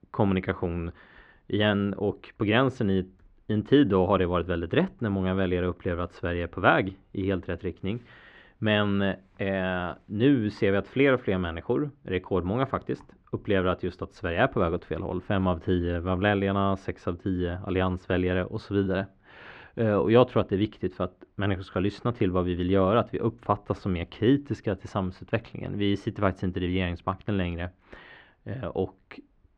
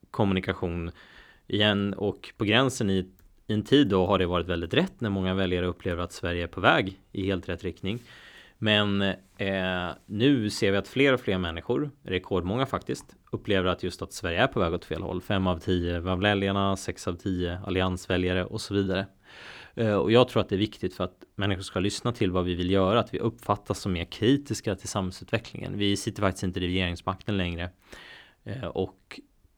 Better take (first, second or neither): second